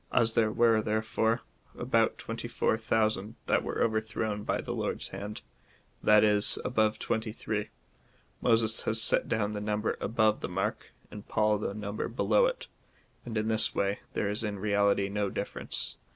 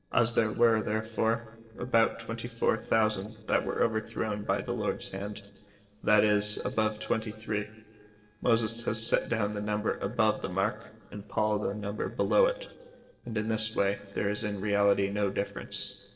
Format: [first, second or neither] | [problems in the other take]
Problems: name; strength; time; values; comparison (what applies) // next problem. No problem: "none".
first | noise reduction (neural separator model SepFormer DNS4)